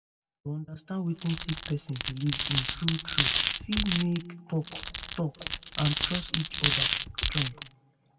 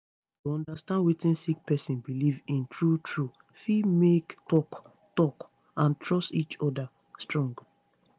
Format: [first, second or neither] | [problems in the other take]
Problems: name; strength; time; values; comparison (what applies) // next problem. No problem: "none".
second | background sound (Glass); 1 dB above the speech // room echo; dies away in 1 s